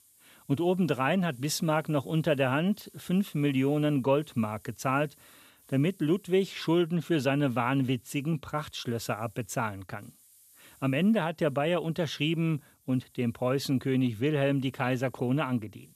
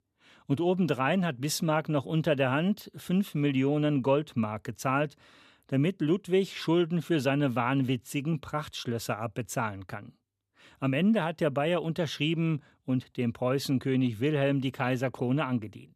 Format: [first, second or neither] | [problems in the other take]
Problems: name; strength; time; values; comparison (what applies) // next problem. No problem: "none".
second | hiss; faint; throughout; 30 dB below the speech